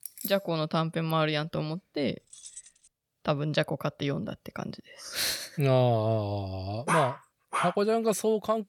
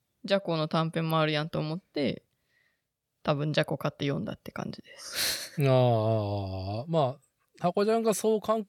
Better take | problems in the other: second | jangling keys; noticeable; at the start; peak 8 dB below the speech // jangling keys; faint; at 2.5 s; peak 15 dB below the speech // dog barking; loud; at 7 s; peak level with the speech

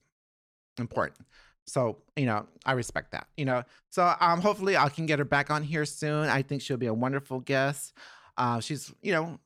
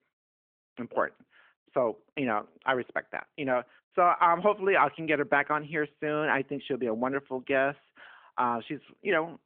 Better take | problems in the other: first | phone-call audio

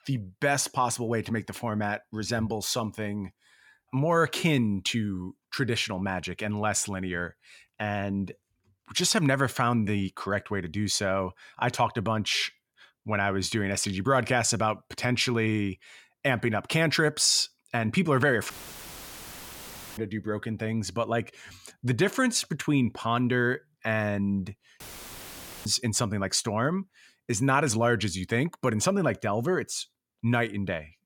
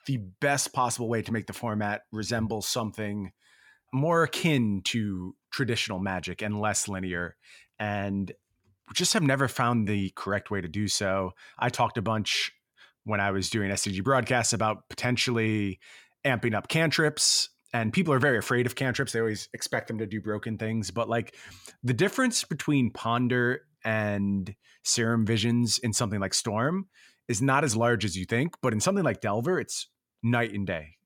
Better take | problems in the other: second | audio cutting out; filled with static; at 19 s for 1.5 s and at 25 s for 1 s

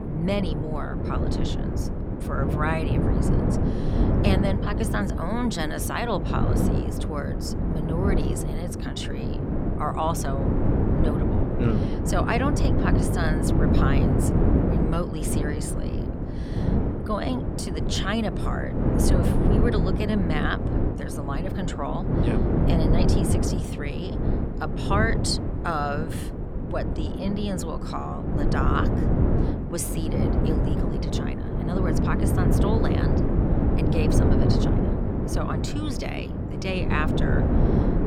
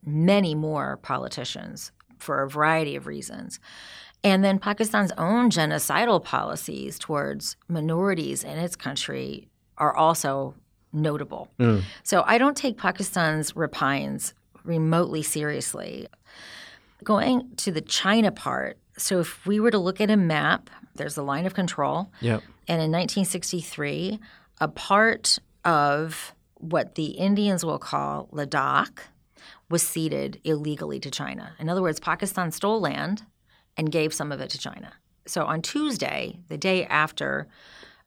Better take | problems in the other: second | wind noise on the microphone; heavy; 1 dB below the speech

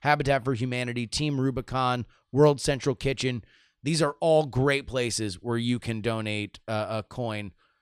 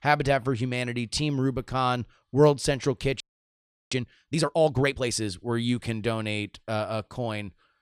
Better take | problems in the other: first | audio freezing; at 3 s for 0.5 s

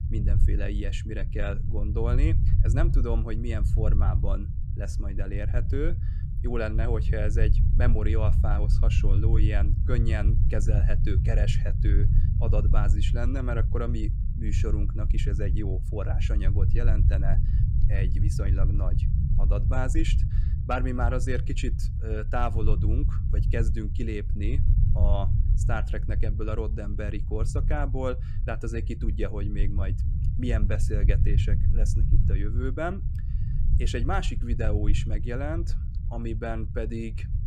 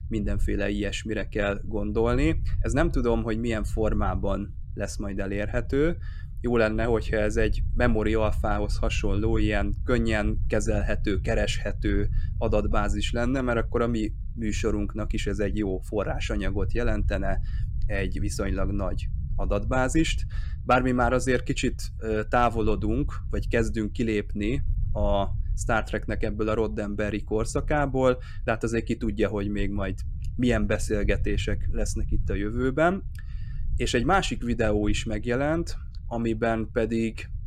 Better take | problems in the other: second | low rumble; loud; throughout; 7 dB below the speech; faint in the second

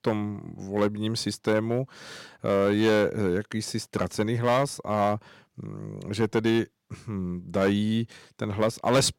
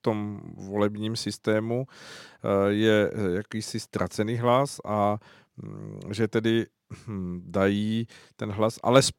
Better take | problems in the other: second | distortion; slight; 3% of the sound clipped

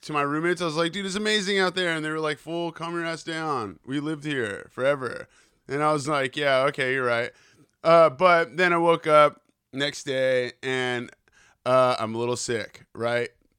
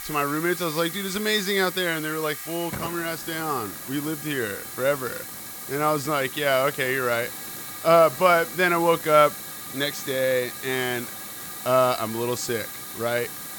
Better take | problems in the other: first | hiss; loud; throughout; 9 dB below the speech

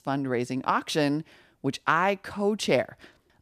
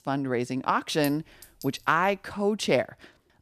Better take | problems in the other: first | clattering dishes; faint; at 1 s; peak 15 dB below the speech

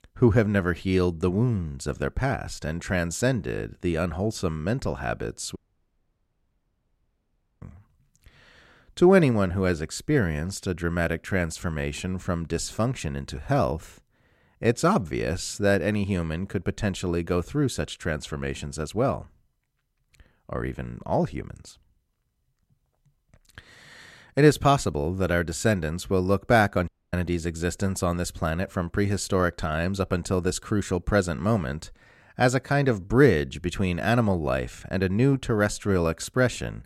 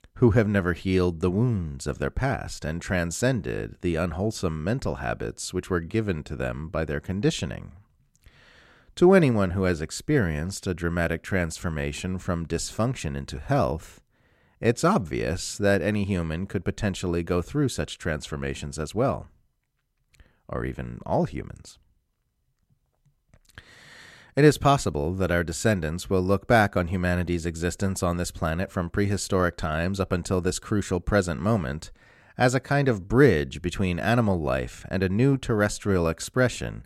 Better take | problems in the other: second | audio cutting out; at 5.5 s for 2 s and at 27 s

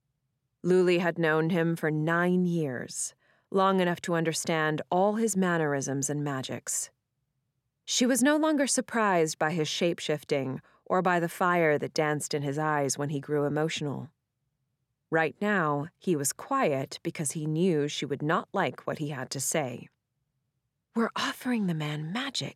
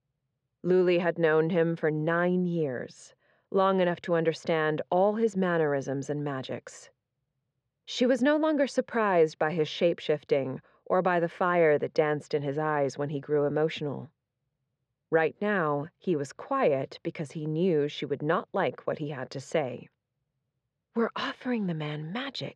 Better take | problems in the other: first | muffled; slightly; fading above 4 kHz

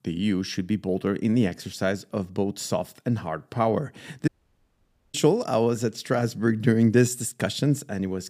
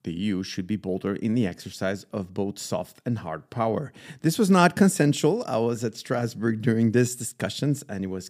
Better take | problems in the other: second | audio cutting out; at 4.5 s for 1 s

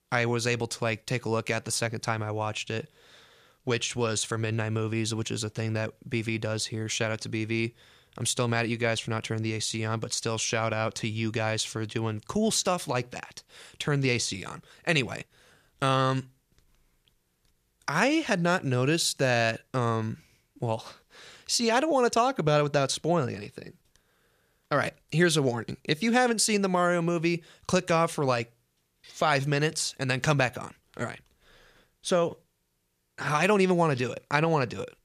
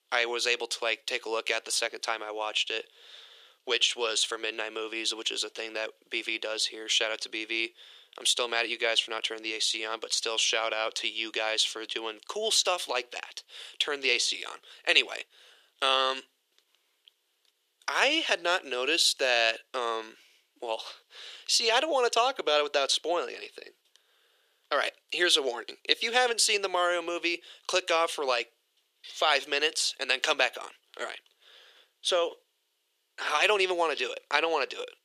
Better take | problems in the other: first | thin; very; fading below 350 Hz

